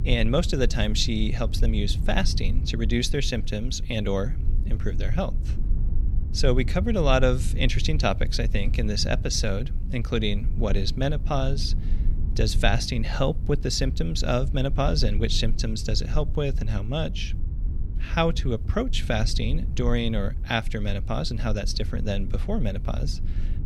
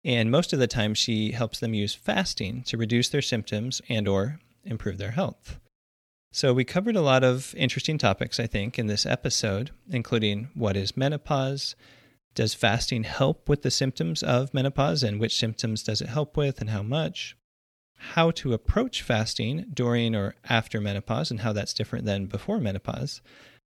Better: second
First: low rumble; noticeable; throughout; 20 dB below the speech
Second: none

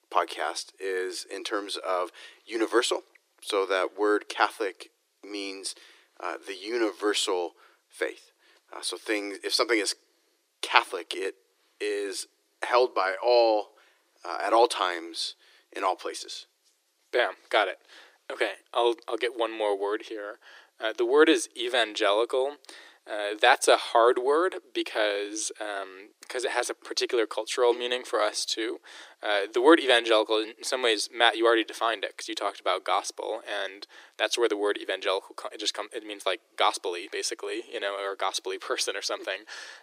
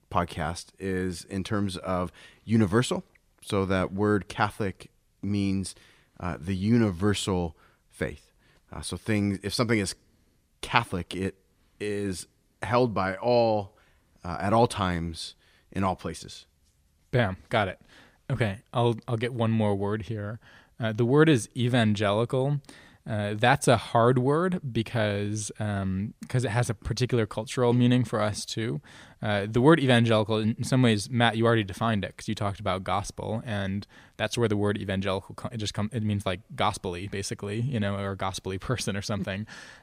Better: second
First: thin; very; fading below 300 Hz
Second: none

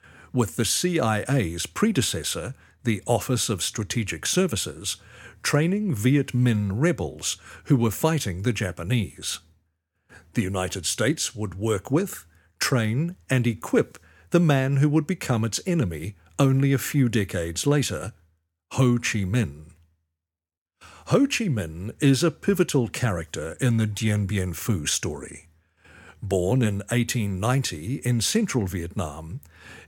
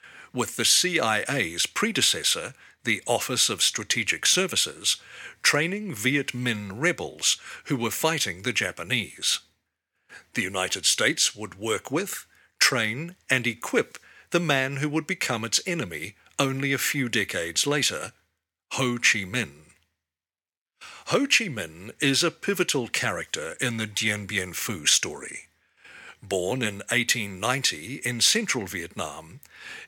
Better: first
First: none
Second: thin; somewhat; fading below 500 Hz

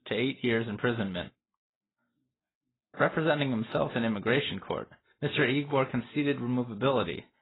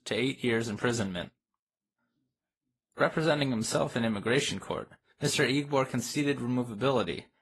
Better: second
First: garbled, watery; badly; nothing above 4 kHz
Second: garbled, watery; slightly; nothing above 12 kHz

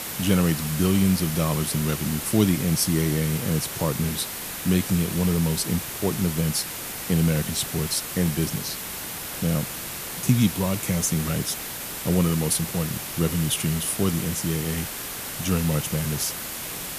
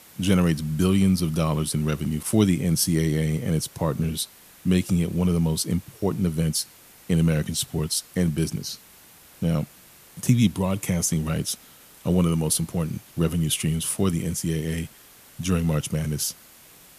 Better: second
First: hiss; loud; throughout; 6 dB below the speech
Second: hiss; faint; throughout; 25 dB below the speech

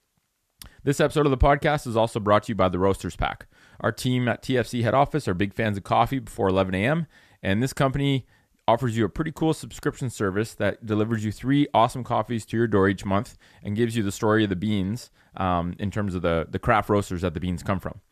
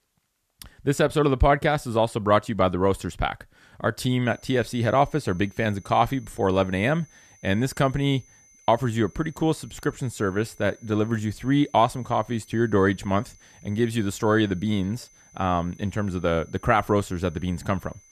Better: first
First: none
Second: high-pitched whine; faint; from 4.5 s on; 6 kHz, 30 dB below the speech

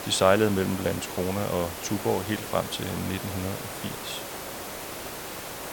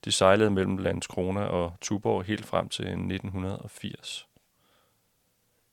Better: second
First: hiss; loud; throughout; 7 dB below the speech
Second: none

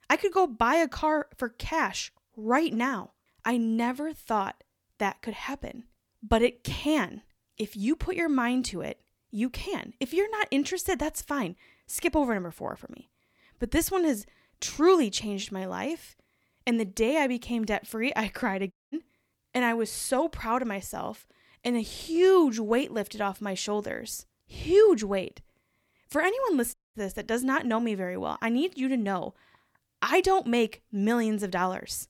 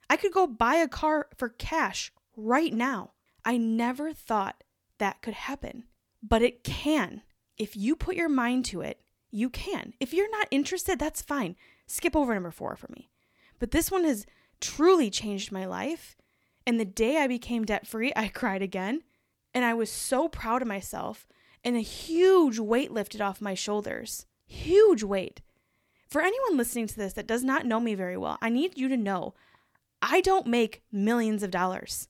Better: second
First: audio cutting out; at 19 s and at 27 s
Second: none

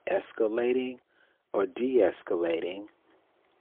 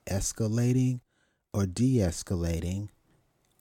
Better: second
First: phone-call audio; poor line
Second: none

